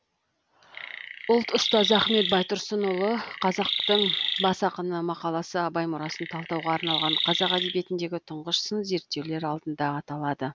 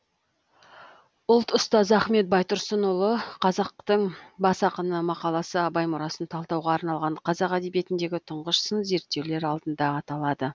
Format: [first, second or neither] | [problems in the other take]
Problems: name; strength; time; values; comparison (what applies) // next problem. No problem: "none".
second | background sound (Chirp, tweet); 2 dB below the speech